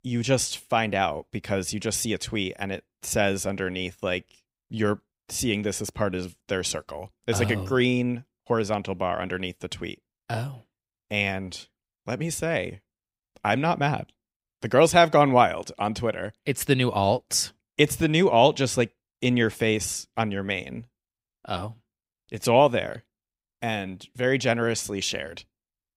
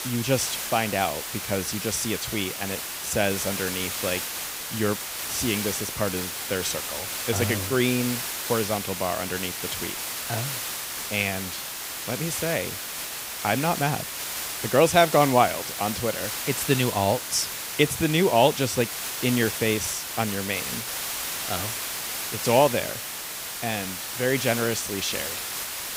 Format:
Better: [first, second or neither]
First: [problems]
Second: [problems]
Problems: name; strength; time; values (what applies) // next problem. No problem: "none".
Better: first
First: none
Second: hiss; loud; throughout; 4 dB below the speech